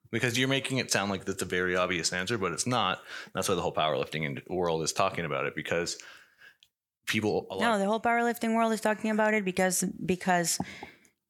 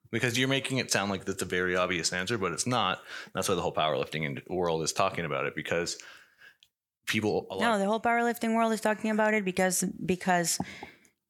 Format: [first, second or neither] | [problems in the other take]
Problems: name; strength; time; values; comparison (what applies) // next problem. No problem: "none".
neither | none